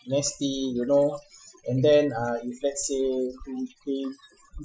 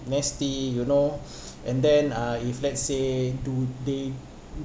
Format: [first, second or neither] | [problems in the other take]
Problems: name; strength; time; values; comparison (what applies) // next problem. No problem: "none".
second | noise reduction (classical method Wiener filter)